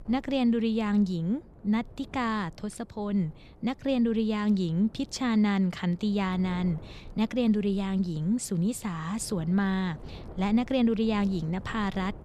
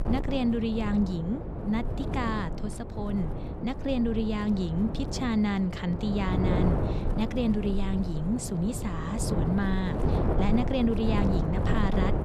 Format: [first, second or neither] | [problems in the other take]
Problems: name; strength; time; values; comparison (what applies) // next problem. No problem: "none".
first | wind noise on the microphone; heavy; 3 dB below the speech; occasional gusts in the first